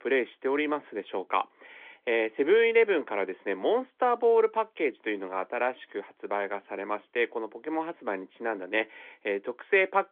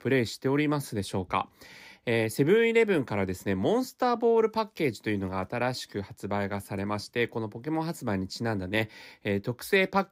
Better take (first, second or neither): second